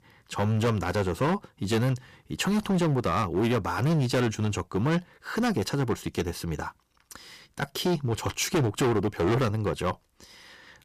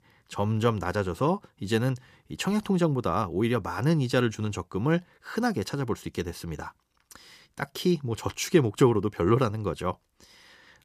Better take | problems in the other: second | distortion; heavy; 13% of the sound clipped

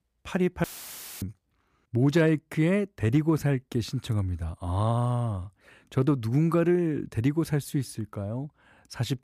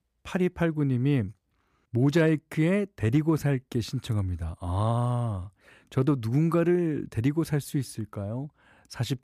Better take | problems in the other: second | audio cutting out; filled with static; at 0.5 s for 0.5 s

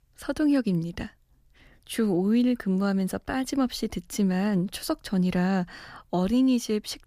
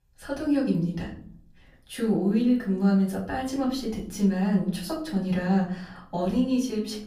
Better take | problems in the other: first | off-mic speech; far // room echo; slight; dies away in 0.6 s

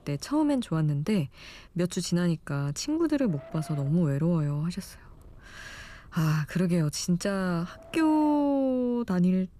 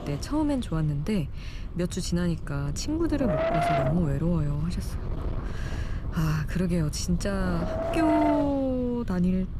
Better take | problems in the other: first | wind noise on the microphone; heavy; 3 dB above the speech; occasional gusts in the first

